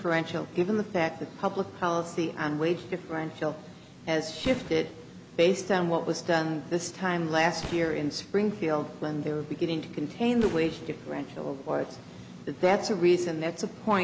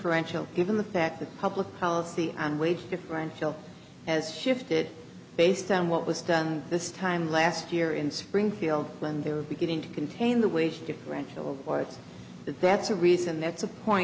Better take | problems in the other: second | background sound (Fireworks); 17 dB below the speech

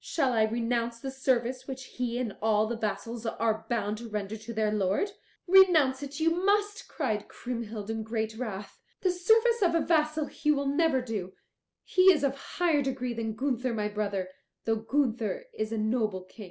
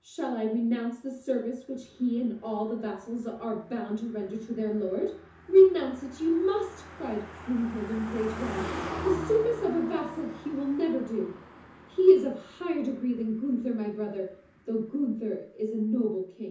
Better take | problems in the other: first | background sound (Car passing by); 15 dB below the speech // room echo; dies away in 0.6 s

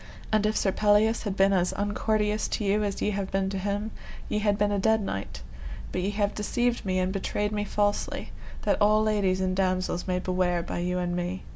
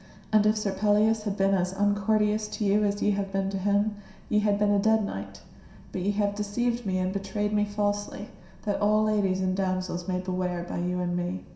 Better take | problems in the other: first | room echo; dies away in 0.7 s

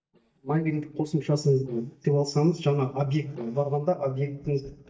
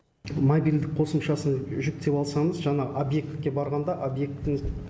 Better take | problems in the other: second | noise reduction (neural mask model DeepFilterNet 3)

